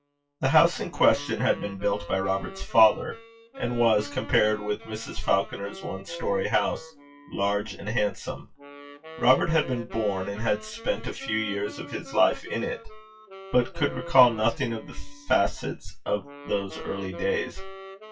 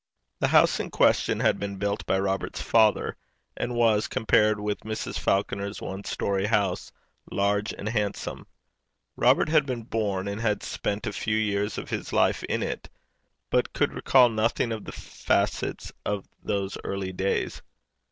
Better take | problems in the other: second | noise reduction (classical method WPE with log-MMSE)

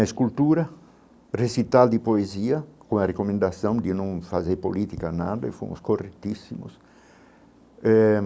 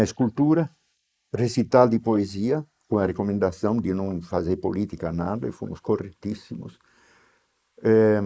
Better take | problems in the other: first | noise reduction (neural mask model Resemble Enhance denoiser)

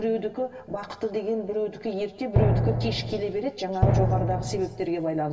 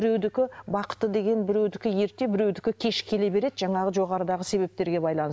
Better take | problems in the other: second | background sound (Drum); 4 dB above the speech // room echo; dies away in 1.3 s

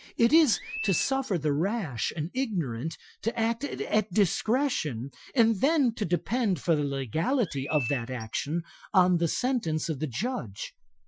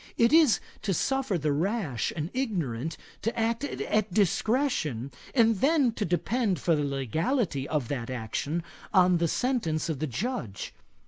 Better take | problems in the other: second | noise reduction (classical method Wiener filter)

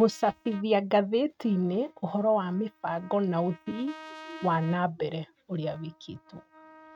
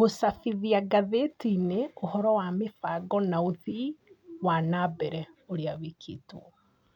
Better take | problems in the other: second | noise reduction (neural mask model RNNoise)

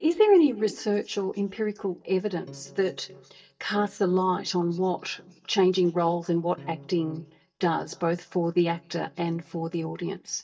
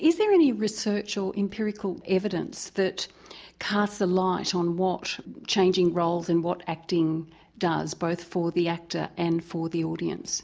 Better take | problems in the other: second | noise reduction (neural mask model DeepFilterNet 3)

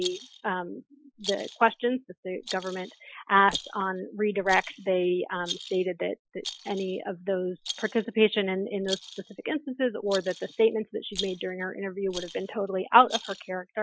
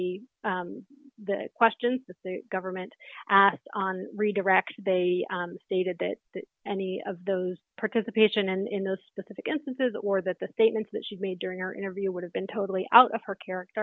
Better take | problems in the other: second | noise reduction (classical method Wiener filter)

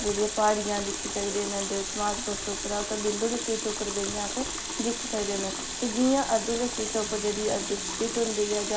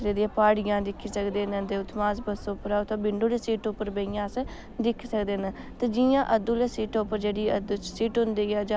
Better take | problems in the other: second | background sound (Water tap, faucet); 4 dB below the speech // room echo; dies away in 1.8 s

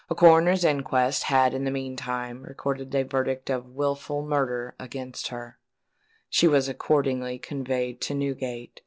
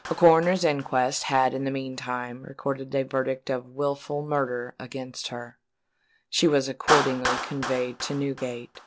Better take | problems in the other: first | background sound (Clapping); 9 dB below the speech

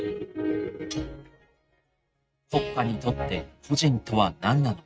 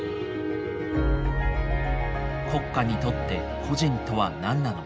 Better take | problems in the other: second | noise reduction (neural mask model RNNoise)

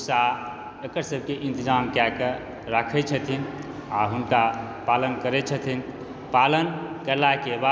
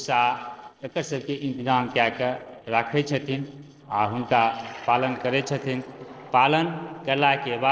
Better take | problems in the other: first | noise reduction (neural separator model SepFormer DNS4)

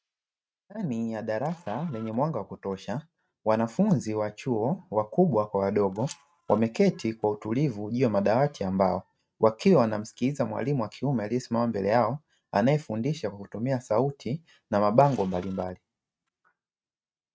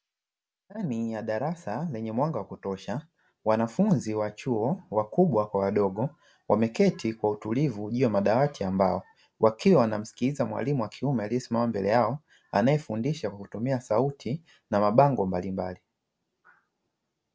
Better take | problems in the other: second | noise reduction (neural mask model RNNoise)

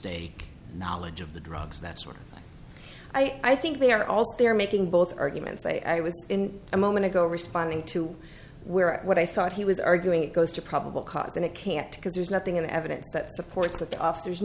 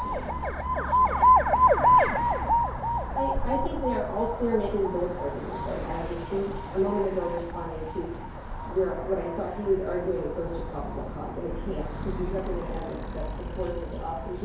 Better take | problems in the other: first | background sound (Alarm); 4 dB above the speech // room echo; dies away in 2.4 s

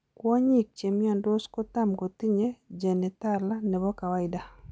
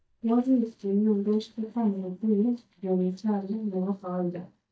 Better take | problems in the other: first | noise reduction (neural mask model DeepFilterNet 3)

